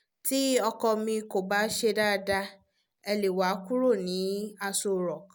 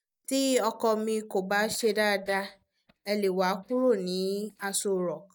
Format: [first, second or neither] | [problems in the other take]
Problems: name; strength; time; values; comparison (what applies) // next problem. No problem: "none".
first | noise reduction (neural mask model DeepFilterNet 3)